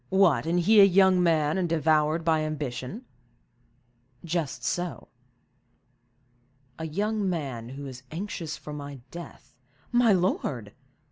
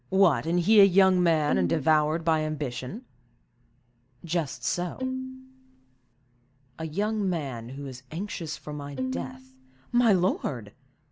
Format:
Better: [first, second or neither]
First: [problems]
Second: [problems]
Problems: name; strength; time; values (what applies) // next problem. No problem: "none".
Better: first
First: none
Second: background sound (Bowed string instrument); 7 dB below the speech